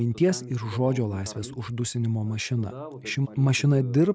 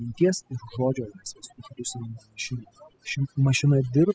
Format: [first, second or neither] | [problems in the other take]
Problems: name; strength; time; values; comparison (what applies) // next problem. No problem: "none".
first | noise reduction (classical method spectral subtraction)